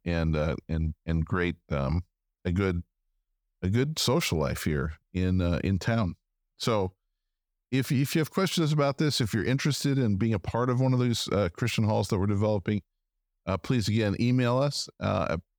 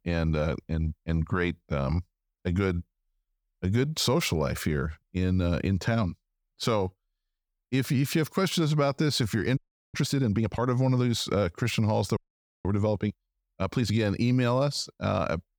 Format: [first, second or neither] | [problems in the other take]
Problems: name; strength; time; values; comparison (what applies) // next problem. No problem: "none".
first | audio freezing; at 9.5 s and at 12 s